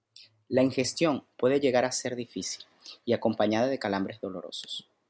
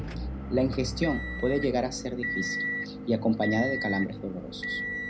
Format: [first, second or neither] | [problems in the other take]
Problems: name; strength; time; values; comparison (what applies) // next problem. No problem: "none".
first | background sound (Motor vehicle (road) / Engine); 4 dB below the speech // room echo; dies away in 0.4 s